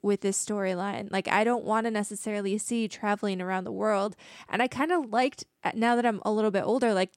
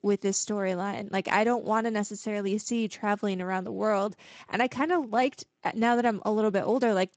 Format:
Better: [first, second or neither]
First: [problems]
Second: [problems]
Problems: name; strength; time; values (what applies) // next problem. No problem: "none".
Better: first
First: none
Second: garbled, watery; slightly; nothing above 7.5 kHz